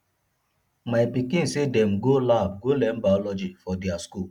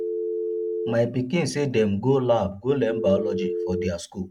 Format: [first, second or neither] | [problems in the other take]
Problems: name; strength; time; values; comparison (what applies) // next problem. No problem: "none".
first | noise reduction (neural mask model RNNoise)